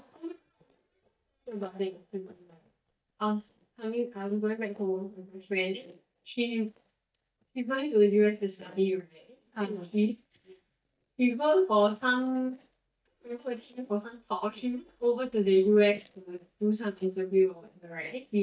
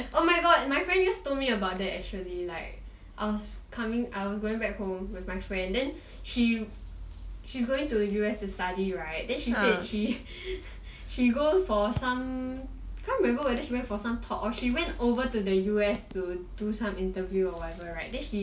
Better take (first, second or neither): second